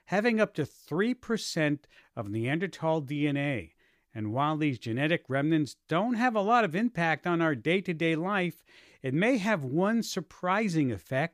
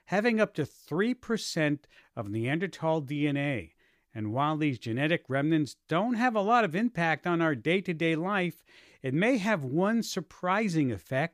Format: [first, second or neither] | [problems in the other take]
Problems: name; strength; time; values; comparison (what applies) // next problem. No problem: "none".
neither | none